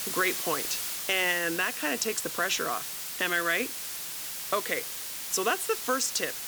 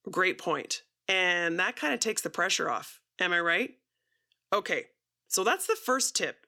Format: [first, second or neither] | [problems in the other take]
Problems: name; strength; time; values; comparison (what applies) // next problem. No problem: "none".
second | hiss; loud; throughout; 4 dB below the speech